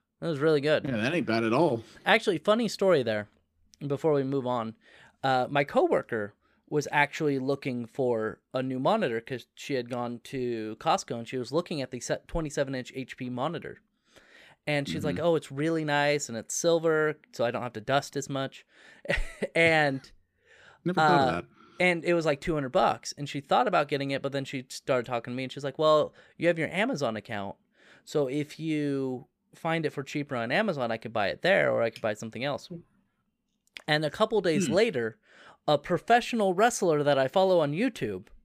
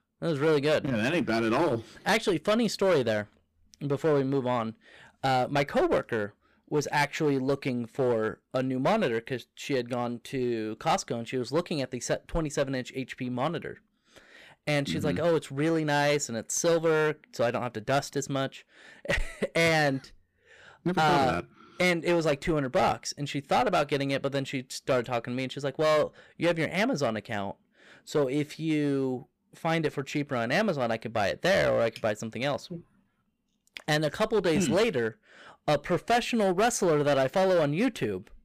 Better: first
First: none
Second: distortion; slight; 7% of the sound clipped

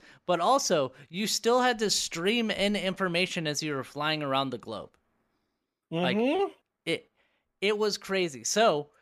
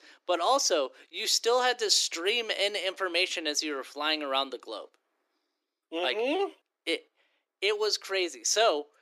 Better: first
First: none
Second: thin; somewhat; fading below 300 Hz

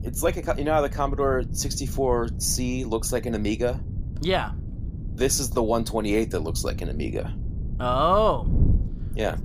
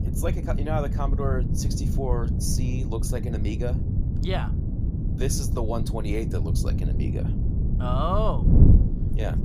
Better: first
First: wind noise on the microphone; occasional gusts; 20 dB below the speech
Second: wind noise on the microphone; heavy; 5 dB below the speech

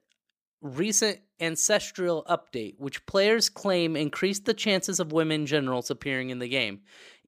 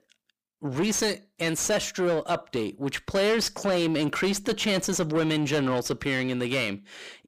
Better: first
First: none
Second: distortion; heavy; 7 dB below the speech

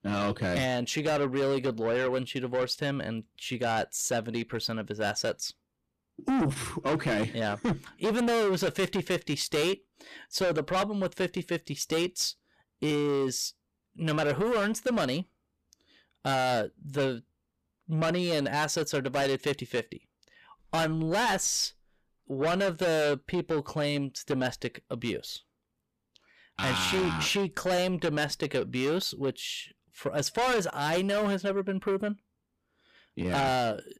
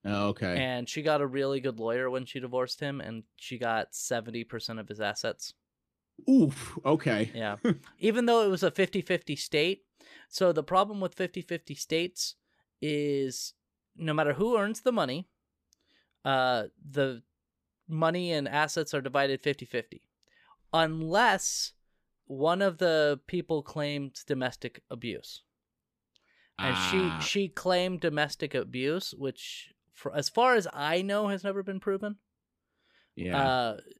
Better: second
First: distortion; heavy; 6 dB below the speech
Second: none

